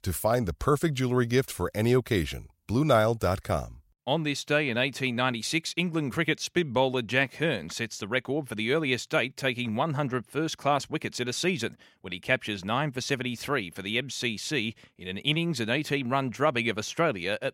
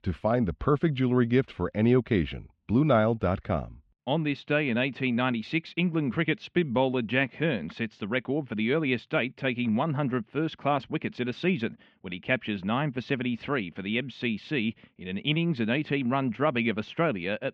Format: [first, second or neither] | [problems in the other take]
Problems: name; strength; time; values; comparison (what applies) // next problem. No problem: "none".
first | muffled; very; fading above 3 kHz